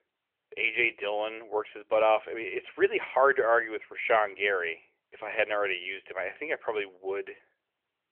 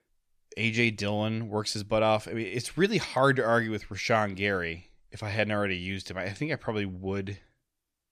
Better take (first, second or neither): second